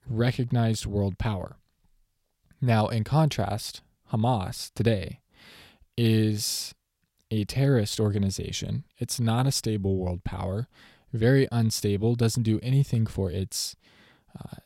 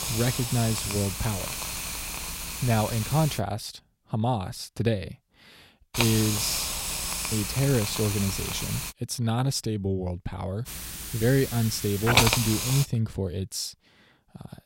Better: first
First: none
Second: hiss; loud; until 3.5 s, from 6 to 9 s and from 11 to 13 s; 1 dB below the speech

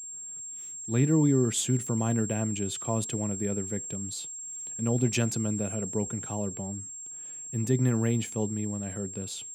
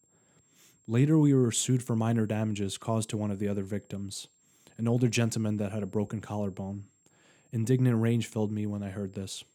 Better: second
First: high-pitched whine; loud; throughout; 7.5 kHz, 6 dB below the speech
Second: high-pitched whine; faint; throughout; 7.5 kHz, 35 dB below the speech

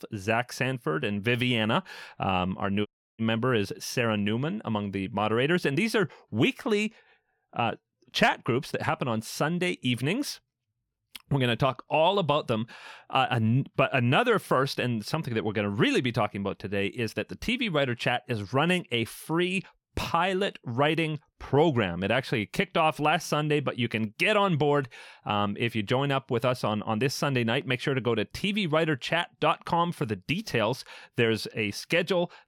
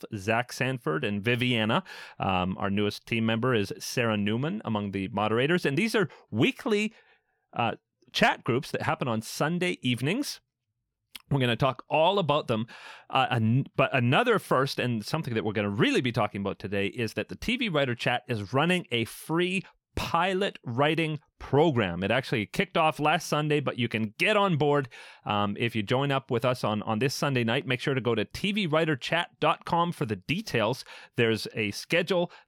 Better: second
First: audio cutting out; at 3 s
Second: none

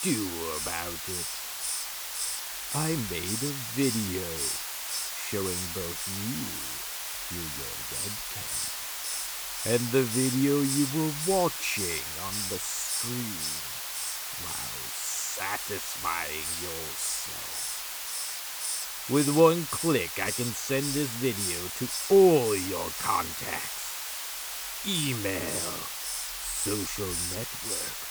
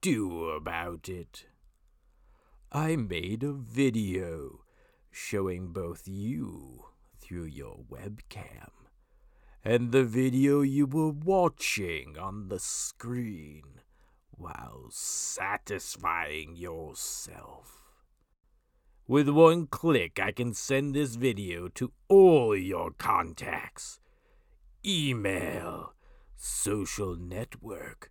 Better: second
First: hiss; loud; throughout; 2 dB below the speech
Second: none

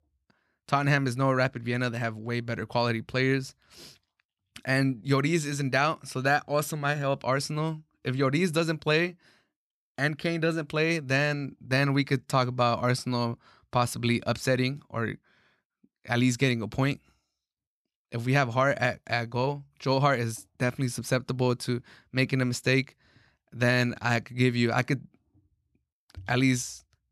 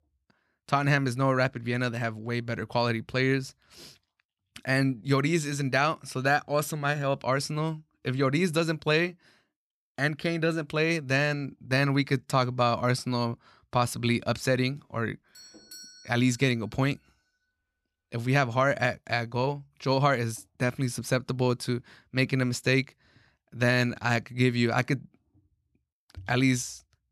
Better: first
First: none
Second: doorbell; faint; from 15 to 16 s; peak 15 dB below the speech

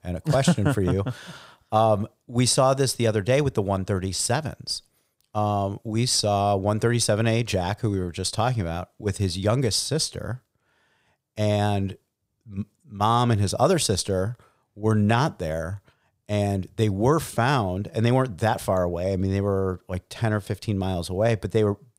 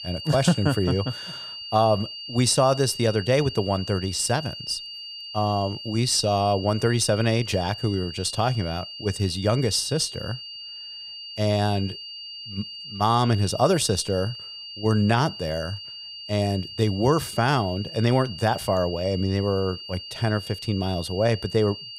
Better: first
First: none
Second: high-pitched whine; noticeable; throughout; 4.5 kHz, 10 dB below the speech

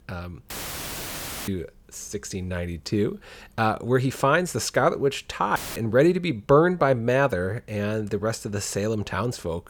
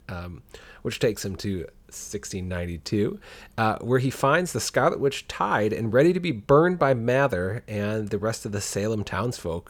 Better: second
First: audio cutting out; filled with static; at 0.5 s for 1 s and at 5.5 s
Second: none

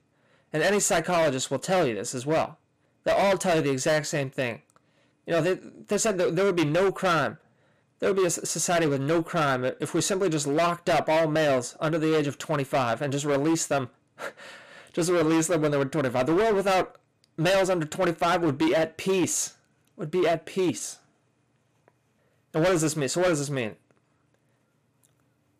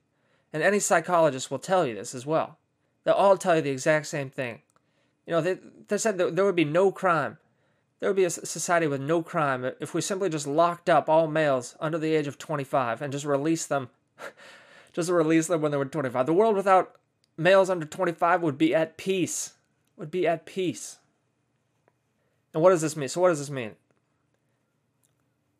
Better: second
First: distortion; heavy; 14% of the sound clipped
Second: none

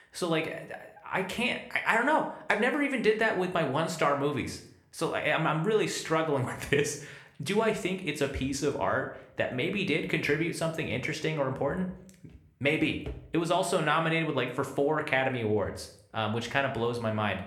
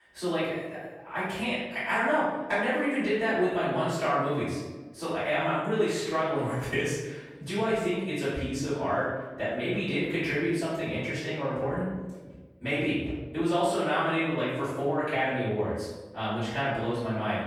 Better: first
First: room echo; slight; dies away in 0.5 s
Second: room echo; strong; dies away in 1 s // off-mic speech; far

